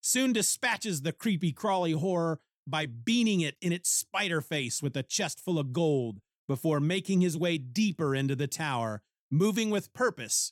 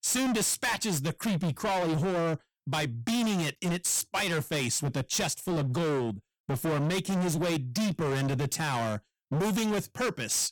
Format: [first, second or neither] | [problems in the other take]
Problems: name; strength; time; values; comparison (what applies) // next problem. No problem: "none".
first | distortion; heavy; 33% of the sound clipped